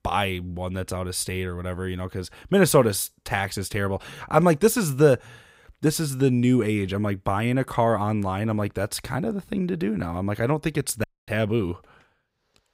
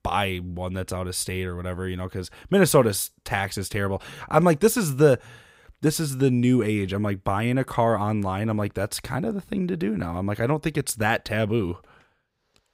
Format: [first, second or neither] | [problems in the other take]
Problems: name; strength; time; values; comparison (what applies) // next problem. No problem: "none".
second | audio cutting out; at 11 s